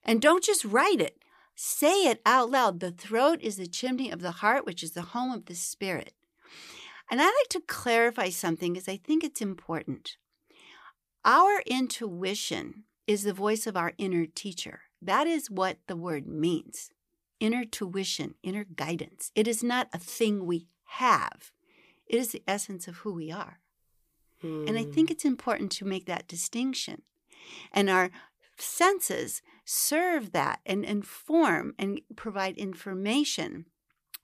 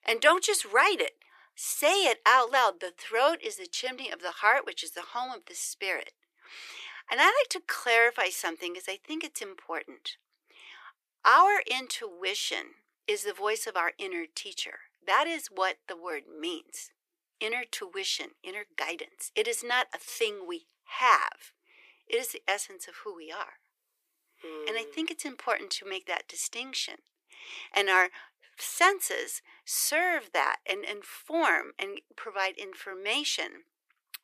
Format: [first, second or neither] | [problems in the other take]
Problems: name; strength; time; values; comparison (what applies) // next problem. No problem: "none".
first | thin; very; fading below 400 Hz